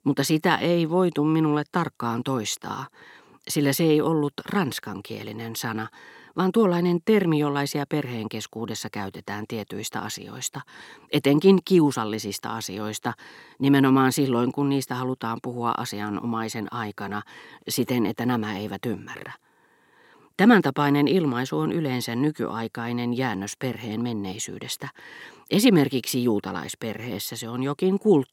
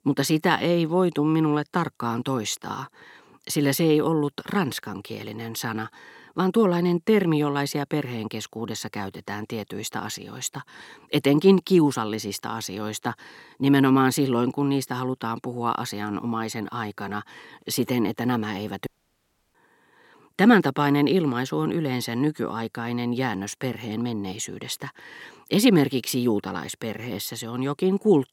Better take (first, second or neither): first